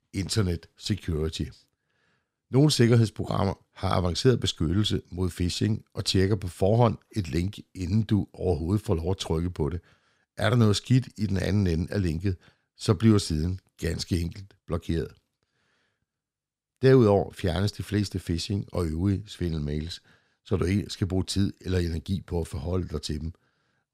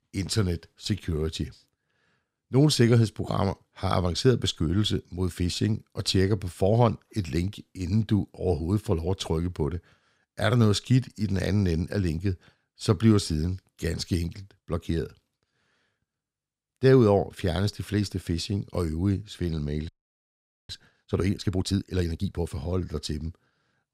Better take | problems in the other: first | audio freezing; at 20 s for 1 s

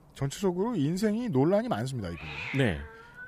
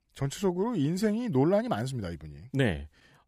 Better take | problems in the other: second | hiss; noticeable; throughout; 10 dB below the speech

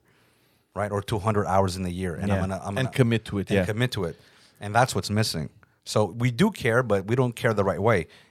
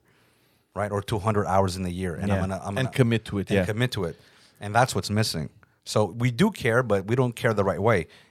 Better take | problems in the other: neither | none

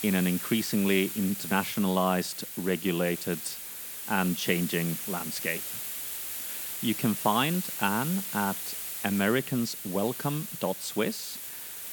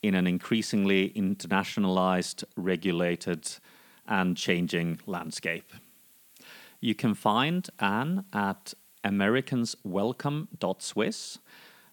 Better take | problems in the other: second | hiss; loud; throughout; 5 dB below the speech; faint in the second

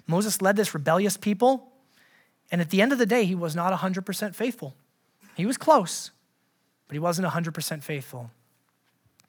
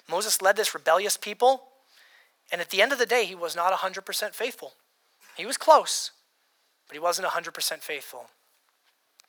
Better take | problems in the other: first | thin; very; fading below 500 Hz

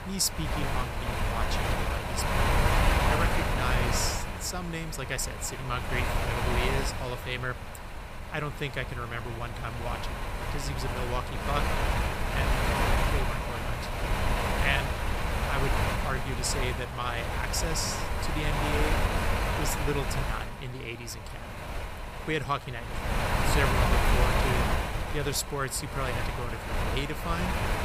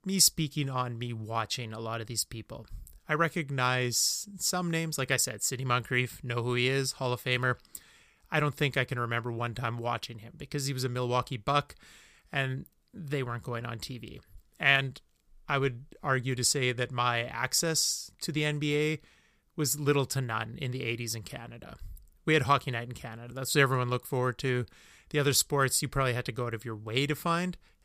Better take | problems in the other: second | wind noise on the microphone; heavy; 3 dB above the speech

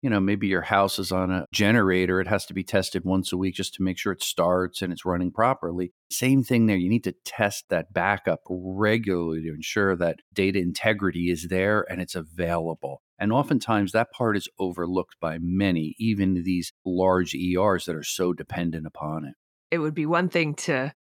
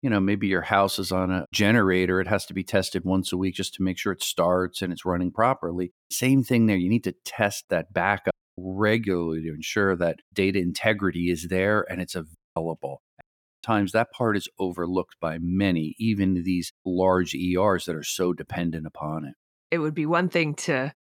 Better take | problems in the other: first | audio cutting out; at 8.5 s, at 12 s and at 13 s

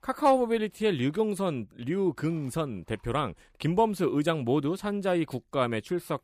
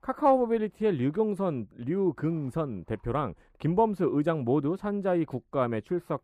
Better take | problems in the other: first | muffled; slightly; fading above 2 kHz

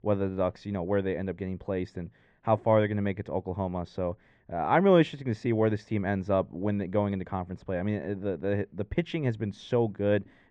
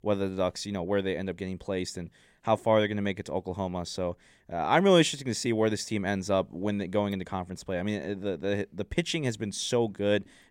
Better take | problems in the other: second | muffled; very; fading above 2 kHz

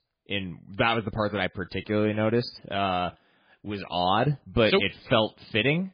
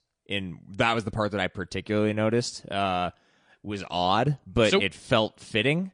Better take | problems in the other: second | garbled, watery; badly; slightly in the second

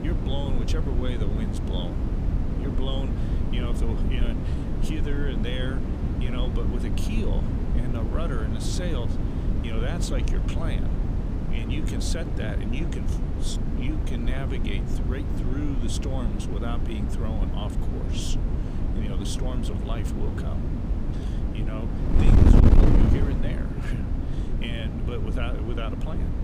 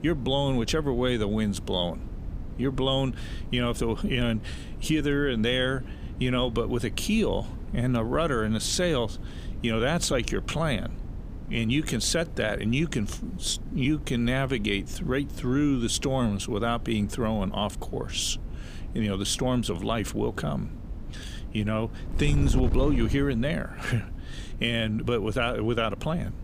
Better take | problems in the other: second | wind noise on the microphone; heavy; as loud as the speech; occasional gusts in the second

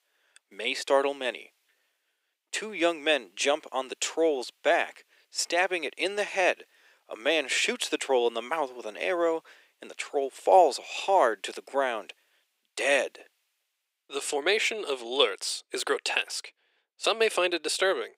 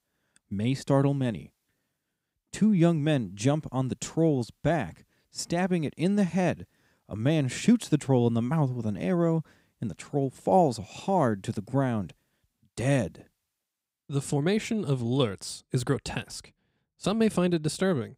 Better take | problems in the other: second | thin; very; fading below 400 Hz

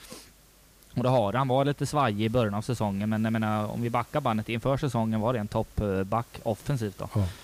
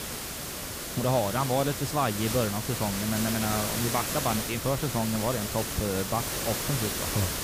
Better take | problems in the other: first | hiss; loud; throughout; 1 dB below the speech; faint in the first

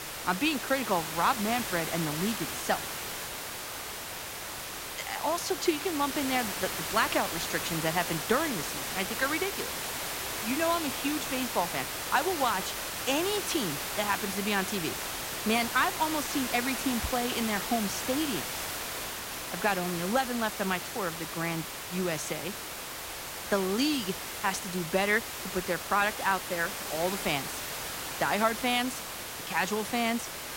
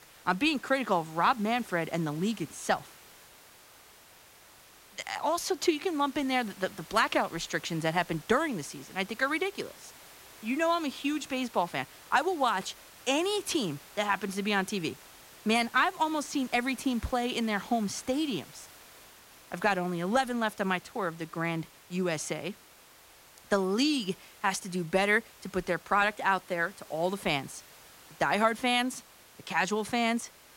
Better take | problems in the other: second | hiss; loud; throughout; 3 dB below the speech; faint in the second

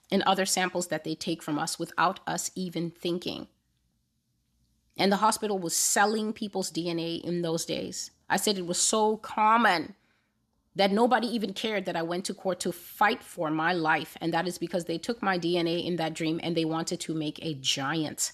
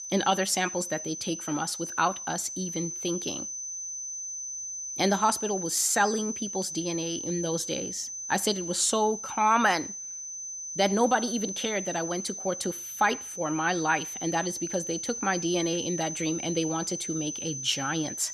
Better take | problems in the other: first | high-pitched whine; loud; throughout; 6 kHz, 6 dB below the speech

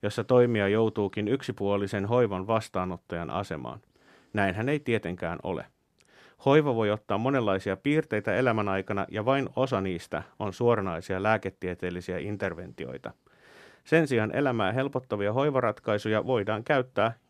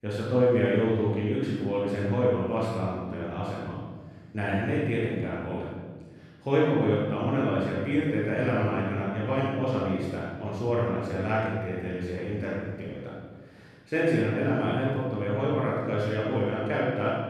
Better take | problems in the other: first | off-mic speech; far // room echo; strong; dies away in 1.5 s

